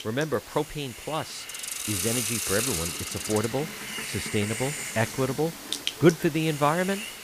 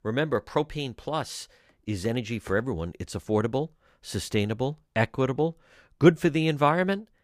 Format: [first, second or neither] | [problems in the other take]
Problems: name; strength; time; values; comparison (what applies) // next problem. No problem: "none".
second | hiss; loud; throughout; 3 dB below the speech